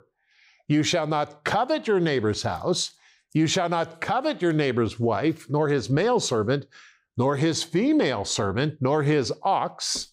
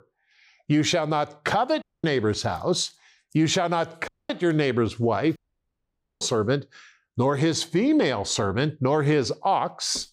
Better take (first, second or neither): first